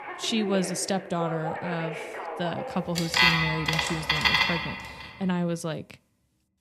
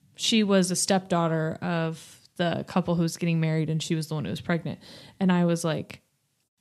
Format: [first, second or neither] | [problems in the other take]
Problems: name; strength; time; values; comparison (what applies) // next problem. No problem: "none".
second | alarms or sirens; very loud; until 5 s; 4 dB above the speech